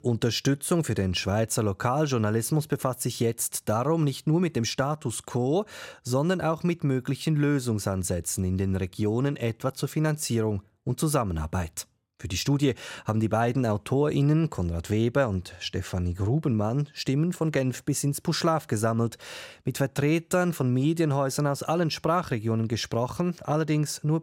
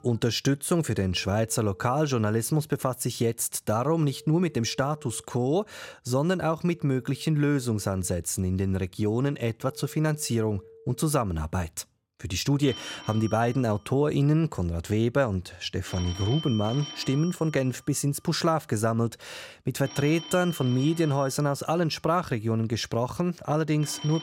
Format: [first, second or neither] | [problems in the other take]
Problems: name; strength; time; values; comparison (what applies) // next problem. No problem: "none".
first | alarms or sirens; noticeable; throughout; 15 dB below the speech